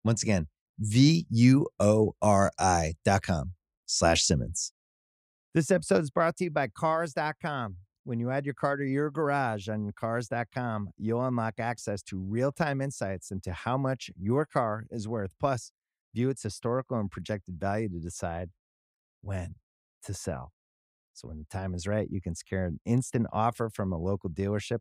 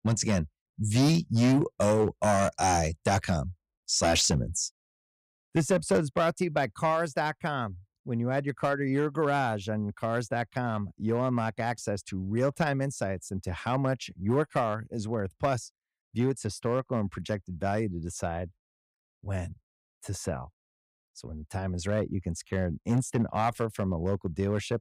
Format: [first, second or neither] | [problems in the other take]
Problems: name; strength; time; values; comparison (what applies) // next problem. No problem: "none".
first | distortion; slight; 3% of the sound clipped